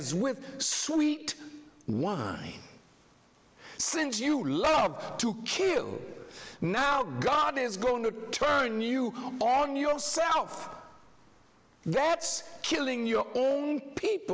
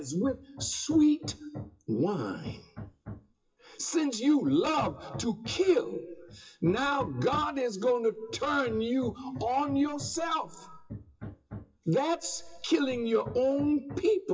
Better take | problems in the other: first | noise reduction (classical method WPE with log-MMSE)

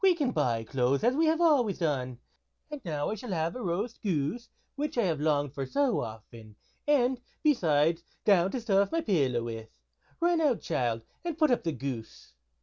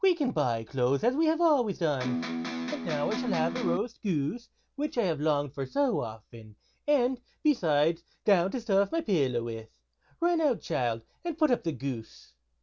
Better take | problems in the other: first | background sound (Electric guitar); 3 dB below the speech

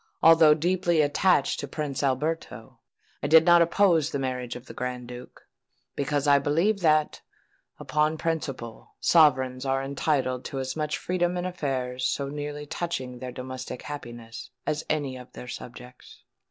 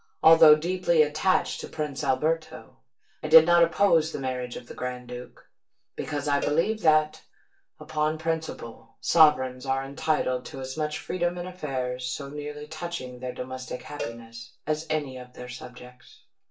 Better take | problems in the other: first | background sound (Cowbell); 15 dB below the speech // room echo; dies away in 0.2 s

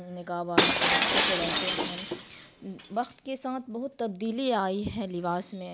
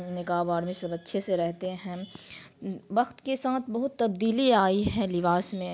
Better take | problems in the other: second | background sound (Shatter); 2 dB above the speech

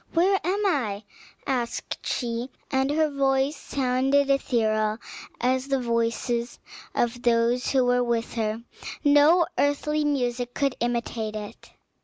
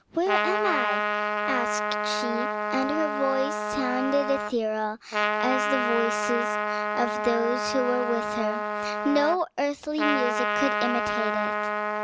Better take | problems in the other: first | background sound (Trumpet); 1 dB above the speech

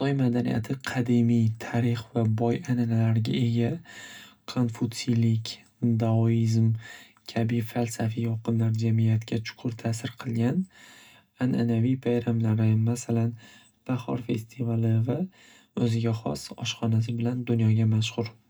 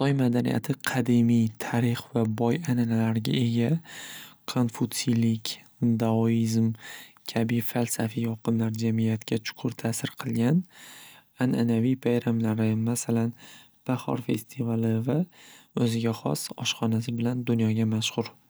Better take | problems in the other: second | room echo; dies away in 0.2 s

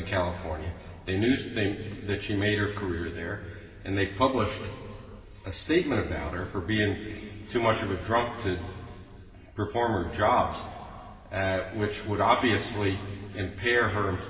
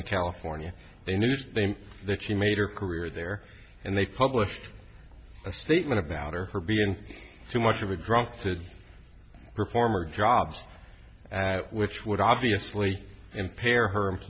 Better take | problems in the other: second | room echo; dies away in 2.2 s

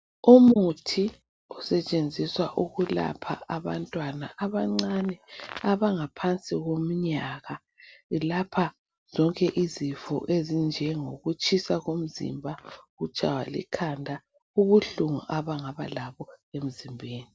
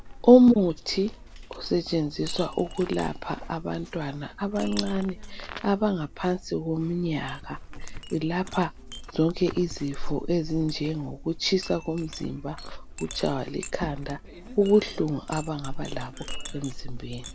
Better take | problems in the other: first | background sound (Chink, clink); 10 dB below the speech

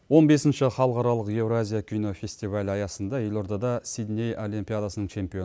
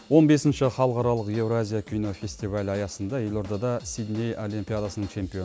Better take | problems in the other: first | background sound (Drum / Drum kit); 20 dB below the speech

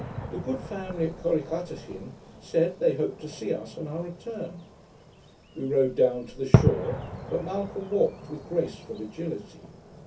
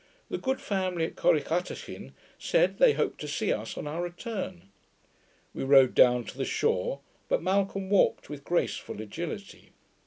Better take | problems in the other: second | background sound (Fireworks); 3 dB below the speech // room echo; dies away in 0.3 s

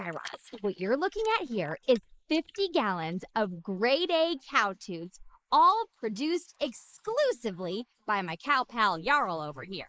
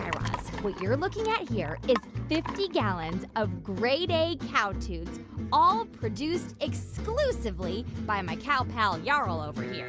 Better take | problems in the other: second | noise reduction (neural mask model Resemble Enhance denoiser)

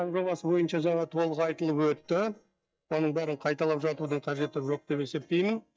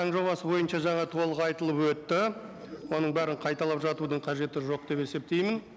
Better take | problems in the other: second | noise reduction (neural mask model DeepFilterNet 3)

